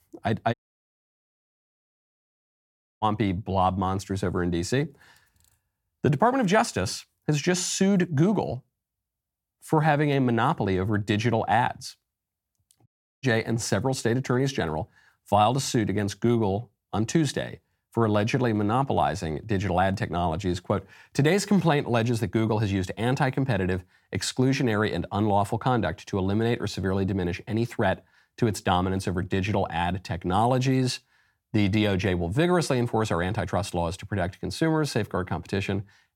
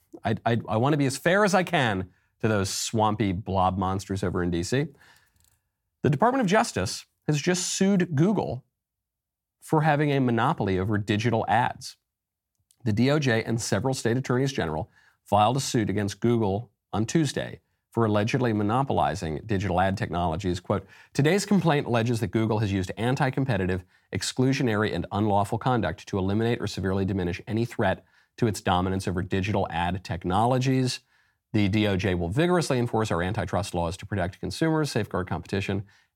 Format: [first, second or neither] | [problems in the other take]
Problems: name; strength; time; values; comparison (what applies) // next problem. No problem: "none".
second | audio cutting out; at 0.5 s for 2.5 s and at 13 s